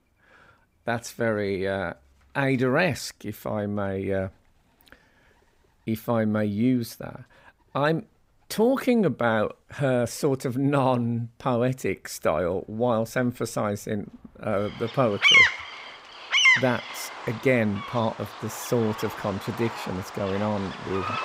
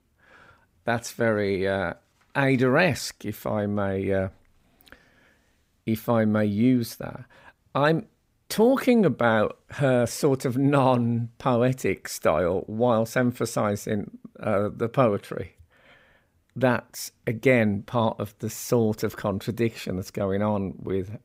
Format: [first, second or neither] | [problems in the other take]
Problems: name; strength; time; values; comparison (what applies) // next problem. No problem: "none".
second | animal sounds; very loud; throughout; 3 dB above the speech